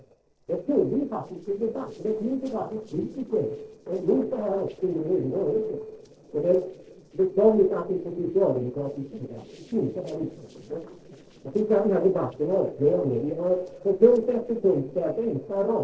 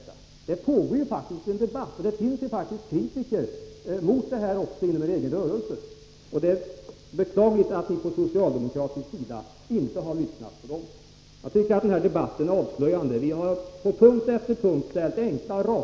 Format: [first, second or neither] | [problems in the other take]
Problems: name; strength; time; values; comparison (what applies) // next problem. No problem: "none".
second | noise reduction (neural separator model SepFormer DNS4)